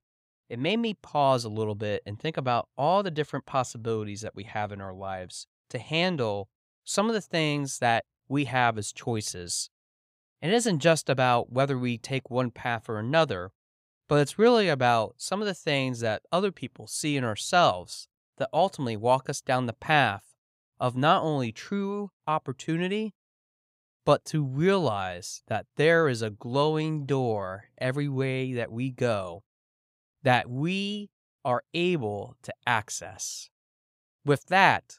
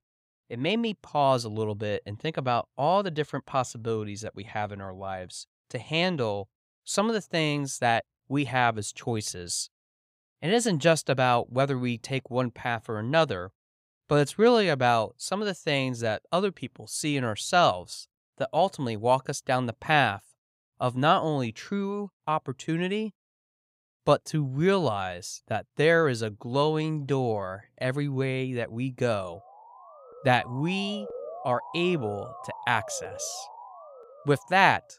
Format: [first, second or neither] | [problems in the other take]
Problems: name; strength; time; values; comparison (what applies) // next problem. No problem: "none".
first | siren; faint; from 29 s on; peak 10 dB below the speech